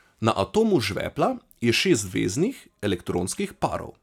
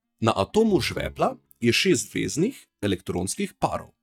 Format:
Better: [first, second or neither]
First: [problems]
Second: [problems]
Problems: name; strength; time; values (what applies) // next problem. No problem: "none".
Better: first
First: none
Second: noise reduction (neural mask model DeepFilterNet 3)